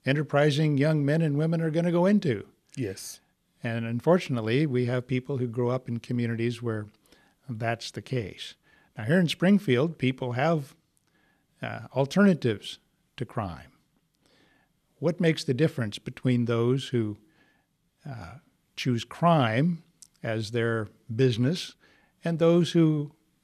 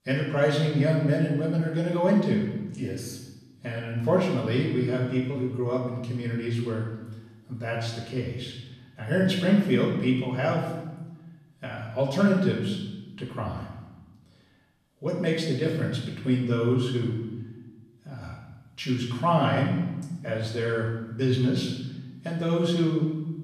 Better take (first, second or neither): first